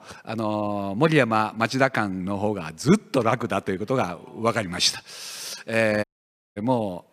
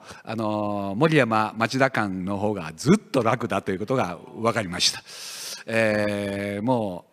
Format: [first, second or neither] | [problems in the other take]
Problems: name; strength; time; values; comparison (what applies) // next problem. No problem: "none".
second | audio cutting out; at 6 s for 0.5 s